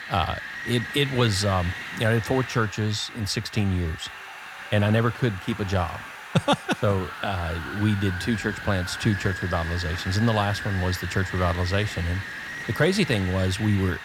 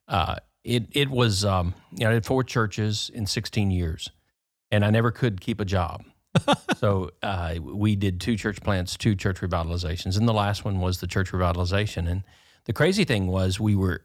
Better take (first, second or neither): second